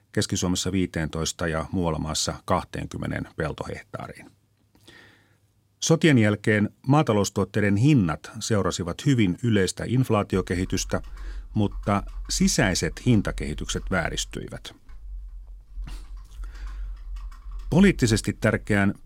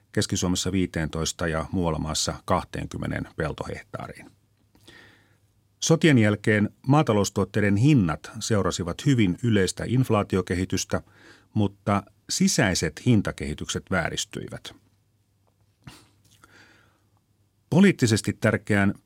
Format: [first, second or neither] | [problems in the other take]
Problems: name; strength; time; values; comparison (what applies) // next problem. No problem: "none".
second | keyboard typing; faint; from 10 s on; peak 15 dB below the speech